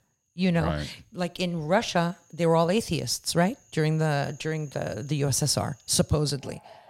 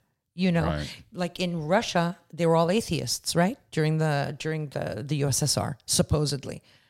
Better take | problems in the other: second | animal sounds; faint; throughout; 30 dB below the speech

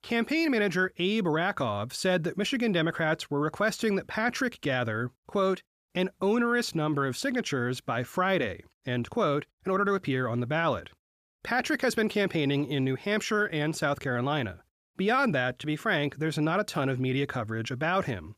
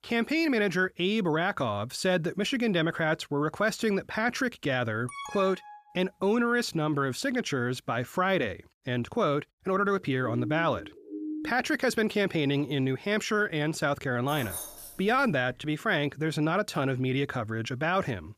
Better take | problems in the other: first | alarm; faint; at 5 s; peak 10 dB below the speech // siren; noticeable; from 10 to 12 s; peak 7 dB below the speech // jangling keys; noticeable; from 14 to 16 s; peak 8 dB below the speech

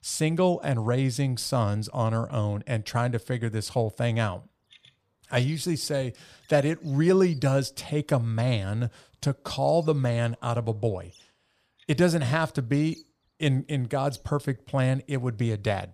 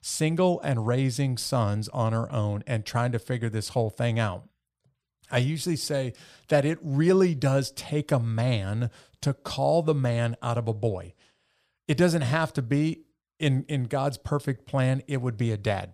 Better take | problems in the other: second | animal sounds; faint; from 4 s on; 30 dB below the speech

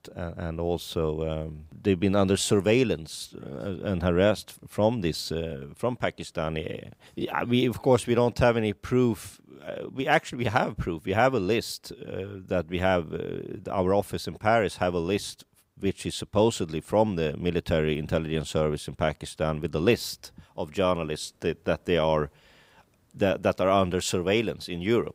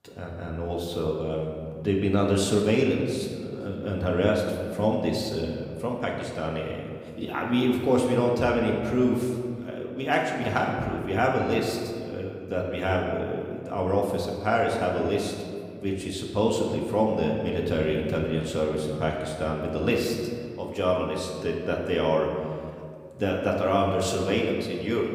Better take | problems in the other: first | room echo; noticeable; dies away in 1.8 s // off-mic speech; somewhat distant

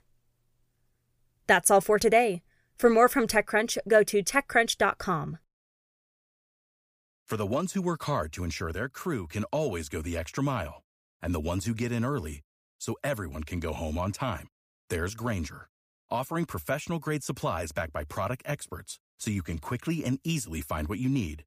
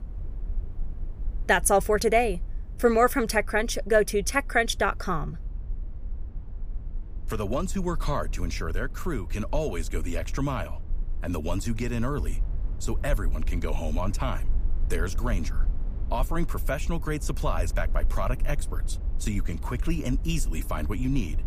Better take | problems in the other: first | low rumble; faint; throughout; 25 dB below the speech

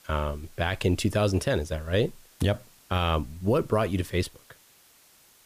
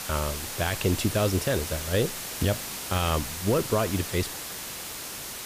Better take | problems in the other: first | hiss; loud; throughout; 5 dB below the speech; faint in the first

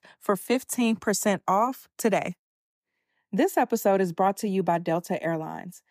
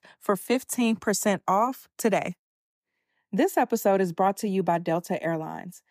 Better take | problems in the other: neither | none

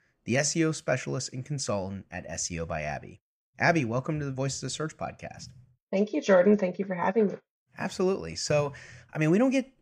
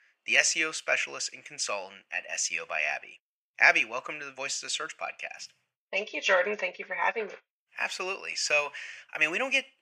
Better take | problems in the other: first | thin; very; fading below 800 Hz

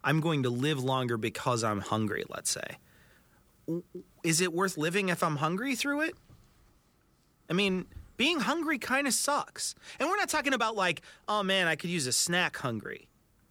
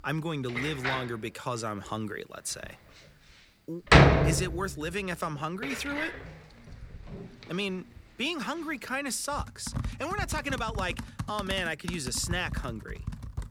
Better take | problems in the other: first | household noises; very loud; throughout; 4 dB above the speech

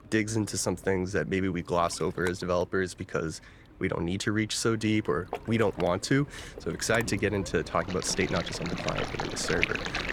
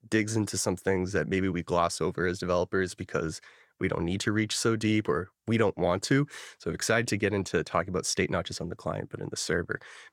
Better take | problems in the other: second | rain or running water; loud; throughout; 7 dB below the speech

